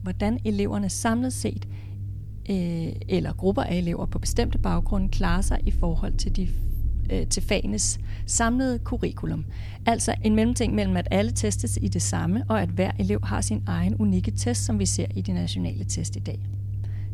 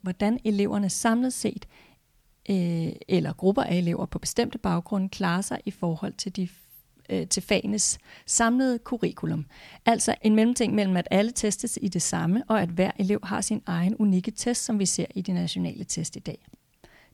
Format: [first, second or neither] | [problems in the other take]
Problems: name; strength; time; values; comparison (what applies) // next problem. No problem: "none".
second | low rumble; noticeable; throughout; 20 dB below the speech